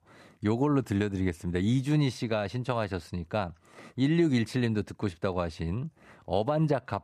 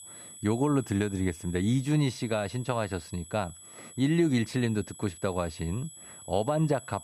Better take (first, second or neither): first